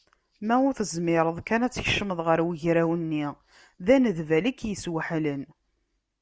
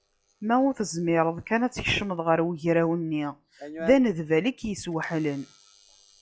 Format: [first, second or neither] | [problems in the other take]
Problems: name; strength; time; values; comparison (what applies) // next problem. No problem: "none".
first | noise reduction (classical method log-MMSE)